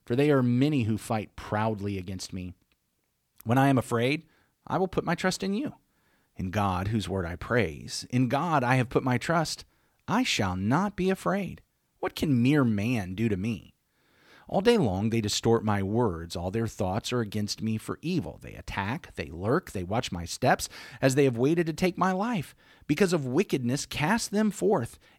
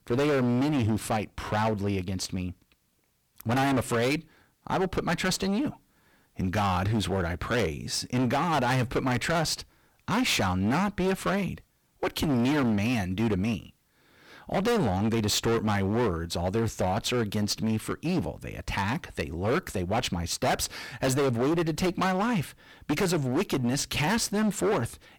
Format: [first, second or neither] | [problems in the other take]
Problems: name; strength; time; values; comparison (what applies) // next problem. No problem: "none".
first | distortion; heavy; 19% of the sound clipped